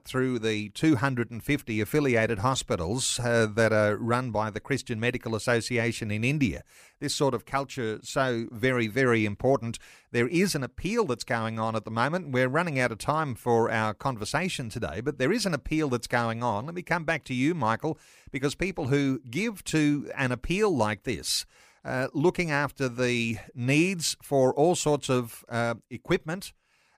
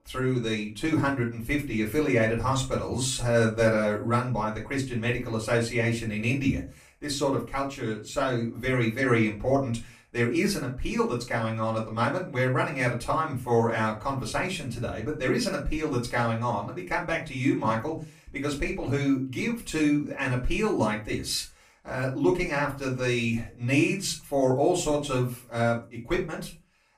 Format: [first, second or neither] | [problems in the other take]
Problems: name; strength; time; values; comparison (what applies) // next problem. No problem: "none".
first | off-mic speech; far // room echo; slight; dies away in 0.3 s